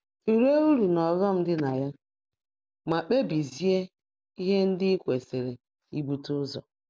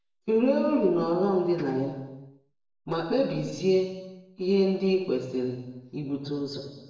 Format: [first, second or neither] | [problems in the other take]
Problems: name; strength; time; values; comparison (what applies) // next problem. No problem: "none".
first | room echo; dies away in 1 s